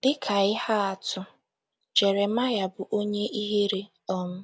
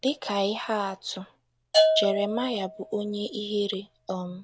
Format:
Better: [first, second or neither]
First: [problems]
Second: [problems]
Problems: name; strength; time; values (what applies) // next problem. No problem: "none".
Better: first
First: none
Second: background sound (Bell / Percussion); 1 dB below the speech